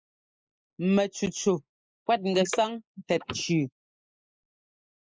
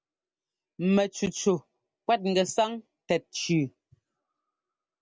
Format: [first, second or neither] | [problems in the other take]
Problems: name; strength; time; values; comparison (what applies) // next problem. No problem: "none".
second | noise reduction (neural mask model Resemble Enhance denoiser)